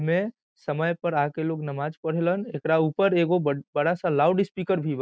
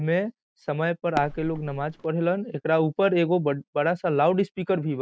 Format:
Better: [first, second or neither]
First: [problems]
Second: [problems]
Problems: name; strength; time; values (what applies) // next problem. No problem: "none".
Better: first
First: none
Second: background sound (Fireworks); 13 dB below the speech